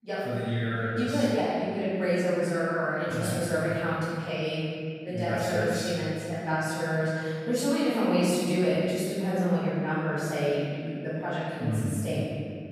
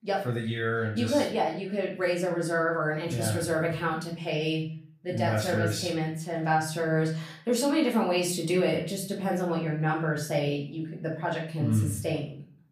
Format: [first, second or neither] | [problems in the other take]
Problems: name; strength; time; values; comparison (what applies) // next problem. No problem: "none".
second | room echo; strong; dies away in 2.2 s; slight in the second // off-mic speech; far; far in the second